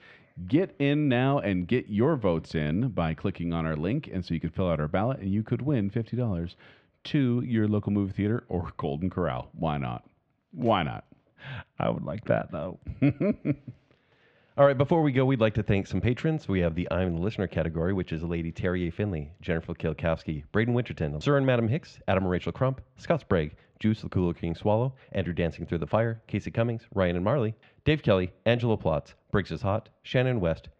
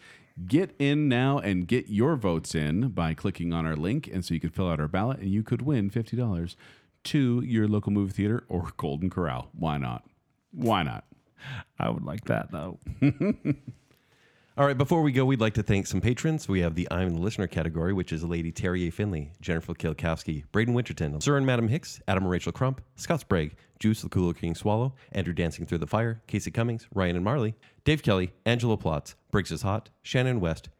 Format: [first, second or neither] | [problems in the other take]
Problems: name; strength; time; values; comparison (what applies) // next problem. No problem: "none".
second | muffled; slightly; fading above 4 kHz